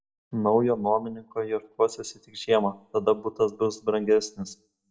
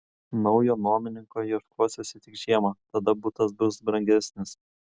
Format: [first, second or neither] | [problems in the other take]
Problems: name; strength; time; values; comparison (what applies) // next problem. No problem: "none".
second | room echo; dies away in 0.2 s